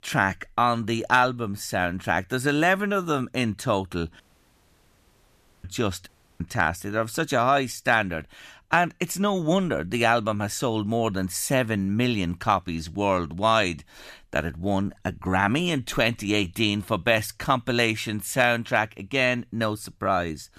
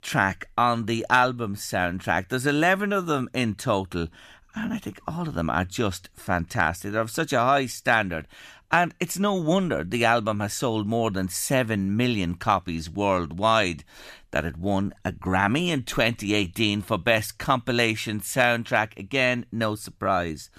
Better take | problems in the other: second | audio cutting out; at 4 s for 1.5 s and at 6 s

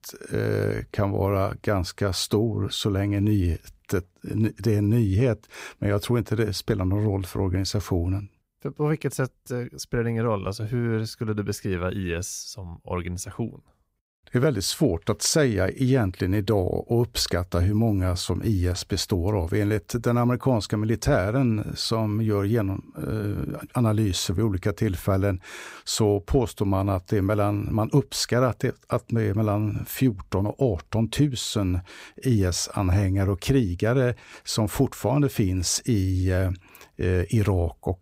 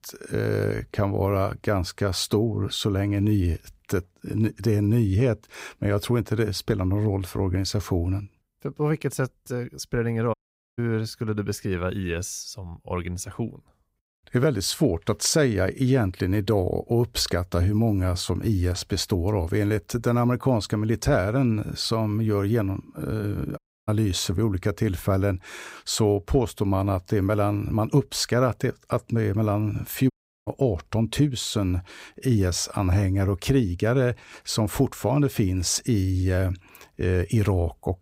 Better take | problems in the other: first | audio cutting out; at 10 s, at 24 s and at 30 s

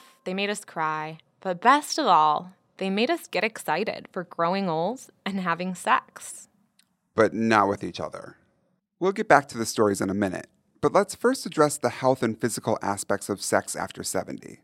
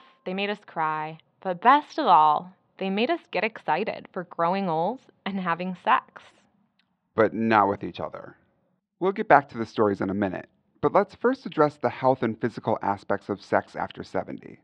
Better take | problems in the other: first | muffled; slightly; fading above 3.5 kHz

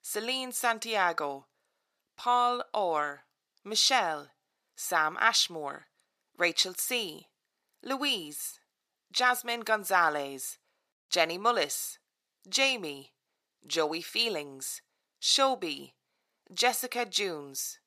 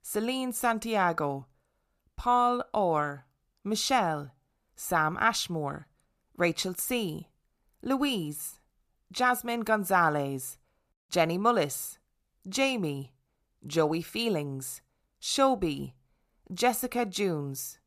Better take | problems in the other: second | thin; somewhat; fading below 400 Hz

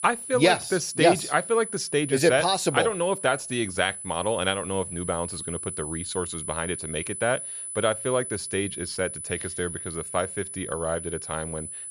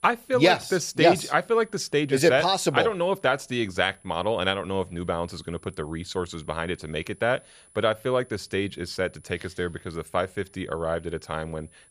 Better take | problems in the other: second | high-pitched whine; loud; throughout; 10 kHz, 7 dB below the speech; faint in the second

